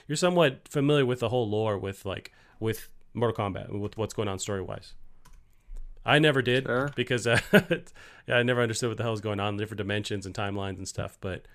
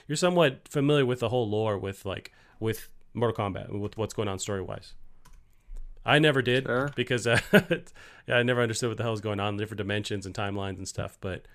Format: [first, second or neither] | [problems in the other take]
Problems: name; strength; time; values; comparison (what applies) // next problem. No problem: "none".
neither | none